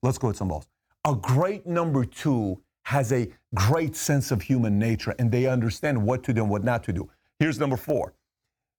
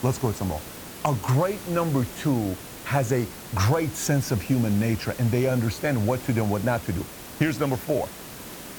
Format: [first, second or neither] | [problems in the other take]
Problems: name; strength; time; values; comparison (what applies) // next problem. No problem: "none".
first | hiss; noticeable; throughout; 15 dB below the speech